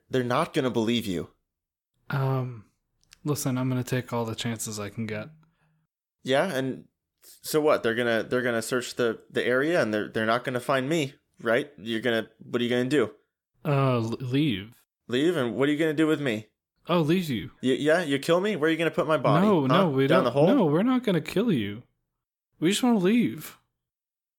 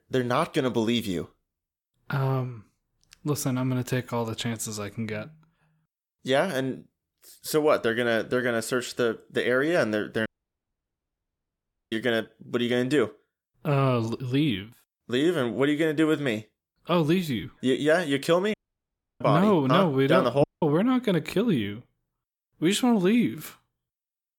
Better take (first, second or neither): first